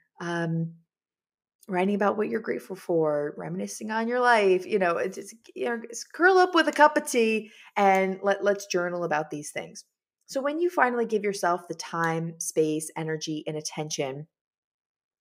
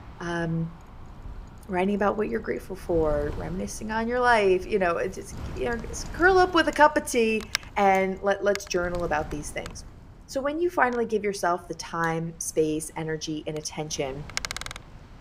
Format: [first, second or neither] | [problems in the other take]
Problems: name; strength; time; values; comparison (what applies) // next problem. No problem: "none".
first | wind noise on the microphone; occasional gusts; 15 dB below the speech